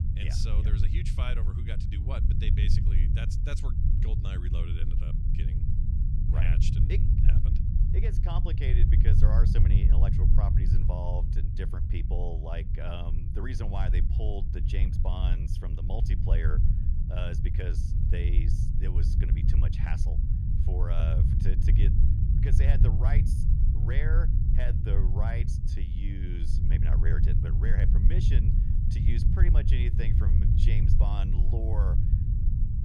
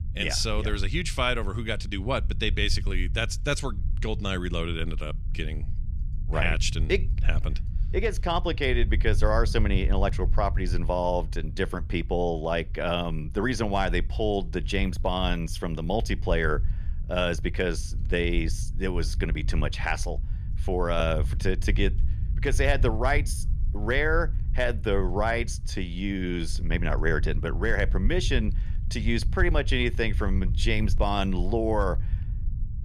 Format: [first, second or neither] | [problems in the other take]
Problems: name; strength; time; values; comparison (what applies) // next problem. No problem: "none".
second | low rumble; loud; throughout; 1 dB below the speech; faint in the second